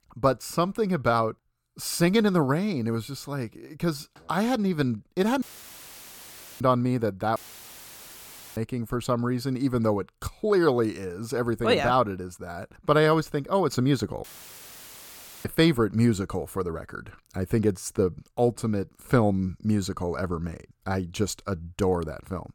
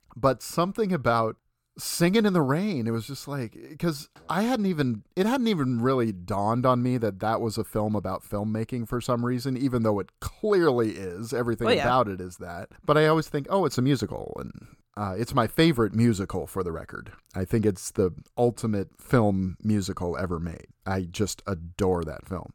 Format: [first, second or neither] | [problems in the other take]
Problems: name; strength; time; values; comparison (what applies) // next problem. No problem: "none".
second | audio cutting out; filled with static; at 5.5 s for 1 s, at 7.5 s for 1 s and at 14 s for 1 s